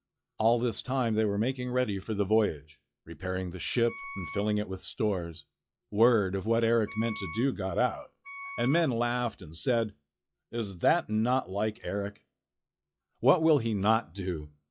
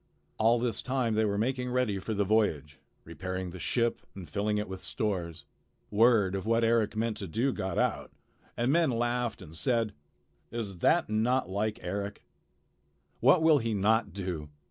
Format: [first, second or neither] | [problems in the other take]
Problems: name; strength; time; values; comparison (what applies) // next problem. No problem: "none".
second | noise reduction (classical method log-MMSE)